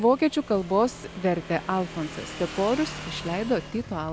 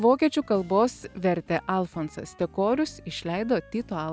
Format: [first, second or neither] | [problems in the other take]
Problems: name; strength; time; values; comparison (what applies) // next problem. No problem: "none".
second | background sound (Motorcycle / Engine); 13 dB below the speech